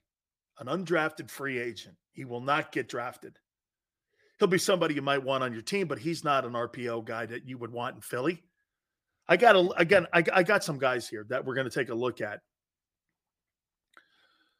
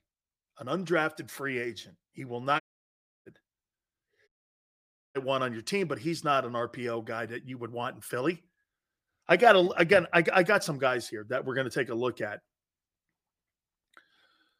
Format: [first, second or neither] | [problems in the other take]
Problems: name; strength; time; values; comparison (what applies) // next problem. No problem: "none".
first | audio cutting out; at 2.5 s for 0.5 s and at 4.5 s for 1 s